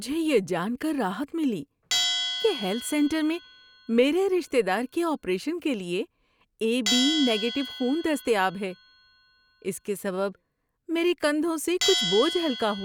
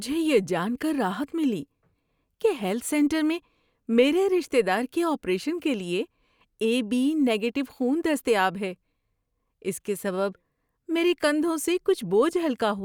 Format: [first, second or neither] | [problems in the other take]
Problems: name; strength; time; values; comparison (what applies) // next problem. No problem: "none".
second | background sound (Bell); 8 dB below the speech